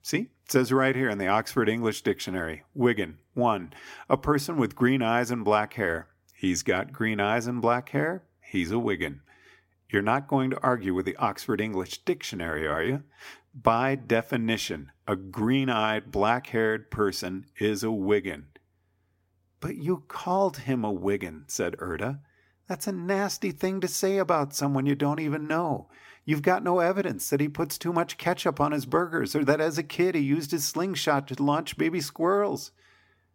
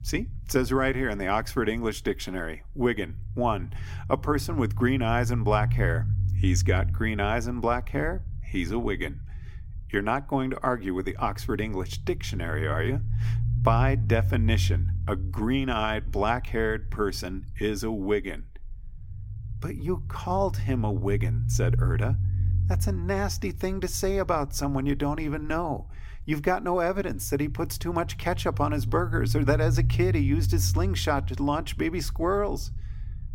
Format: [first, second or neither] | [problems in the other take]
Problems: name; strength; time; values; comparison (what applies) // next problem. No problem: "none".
first | low rumble; noticeable; throughout; 15 dB below the speech